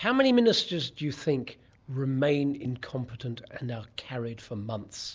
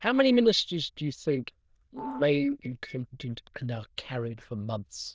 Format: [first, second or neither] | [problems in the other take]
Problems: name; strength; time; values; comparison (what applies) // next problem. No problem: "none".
first | noise reduction (neural diffusion model UNIVERSE++)